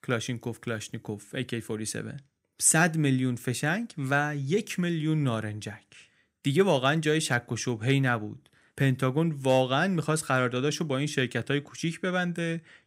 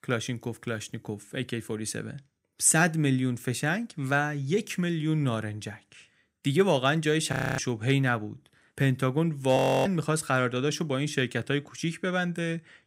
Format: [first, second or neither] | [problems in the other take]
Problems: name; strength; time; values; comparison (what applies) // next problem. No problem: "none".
first | audio freezing; at 7.5 s and at 9.5 s